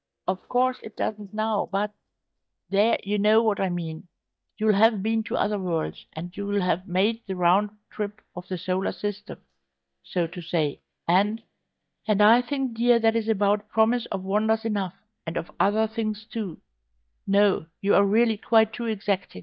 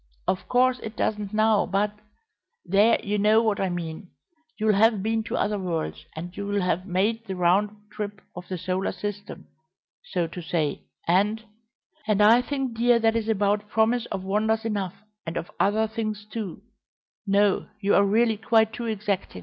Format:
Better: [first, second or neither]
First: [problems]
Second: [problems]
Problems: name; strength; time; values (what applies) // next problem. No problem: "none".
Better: second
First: noise reduction (neural mask model DeepFilterNet 3)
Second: none